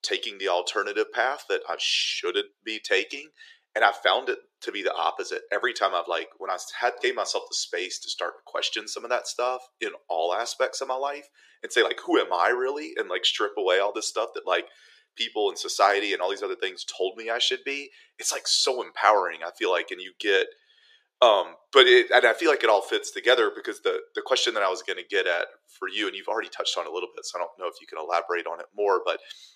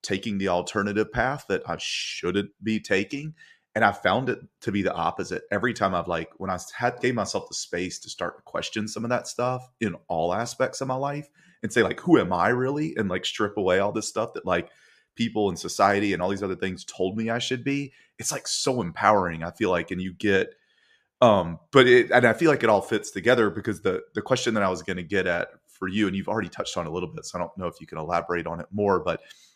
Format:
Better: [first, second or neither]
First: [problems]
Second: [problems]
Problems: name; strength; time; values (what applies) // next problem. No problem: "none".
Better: second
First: thin; very; fading below 350 Hz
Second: none